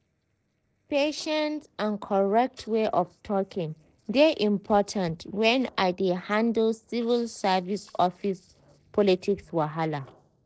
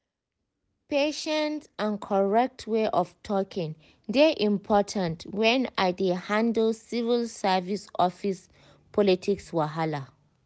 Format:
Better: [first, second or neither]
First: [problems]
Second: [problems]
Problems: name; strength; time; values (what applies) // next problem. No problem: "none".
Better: second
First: noise reduction (neural separator model SepFormer DNS4)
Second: none